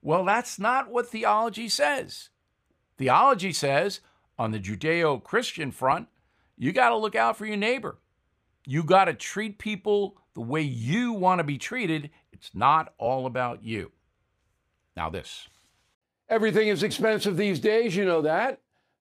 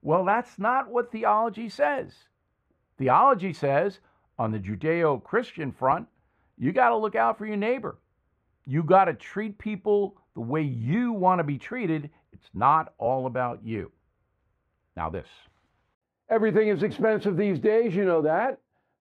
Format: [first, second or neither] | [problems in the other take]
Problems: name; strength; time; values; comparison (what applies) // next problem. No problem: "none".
first | muffled; very; fading above 3 kHz